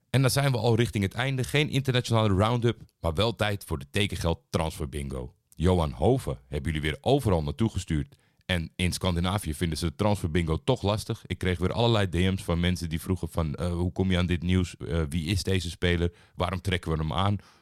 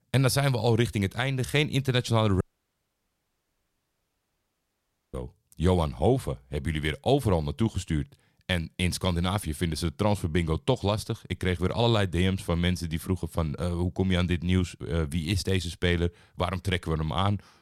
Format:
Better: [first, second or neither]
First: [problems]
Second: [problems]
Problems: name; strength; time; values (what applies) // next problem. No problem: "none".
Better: first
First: none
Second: audio cutting out; at 2.5 s for 2.5 s